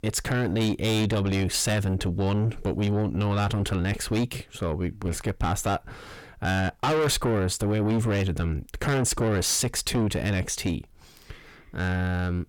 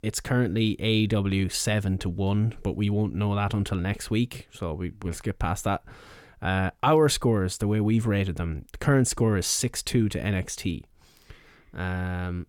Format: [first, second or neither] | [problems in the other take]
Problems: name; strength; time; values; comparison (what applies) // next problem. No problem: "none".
second | distortion; heavy; 7 dB below the speech